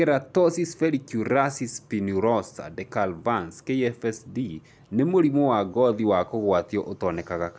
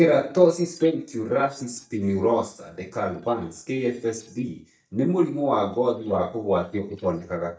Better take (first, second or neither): first